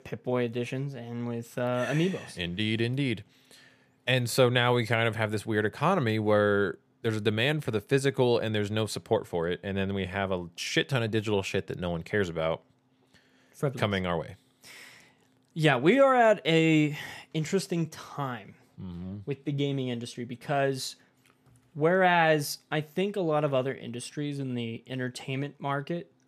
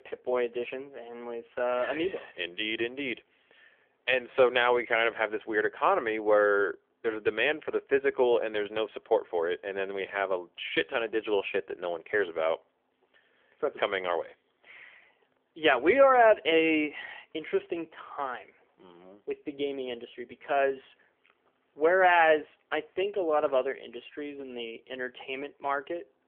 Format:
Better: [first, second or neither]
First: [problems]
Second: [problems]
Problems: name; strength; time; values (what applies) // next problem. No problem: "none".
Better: first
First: none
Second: phone-call audio; nothing above 3.5 kHz